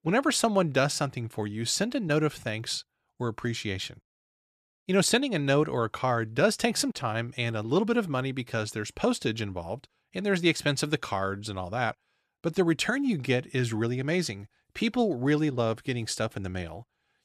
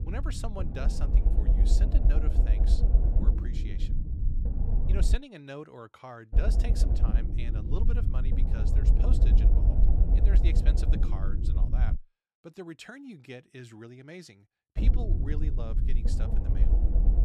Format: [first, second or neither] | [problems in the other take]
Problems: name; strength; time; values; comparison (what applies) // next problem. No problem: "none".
first | low rumble; loud; until 5 s, from 6.5 to 12 s and from 15 s on; as loud as the speech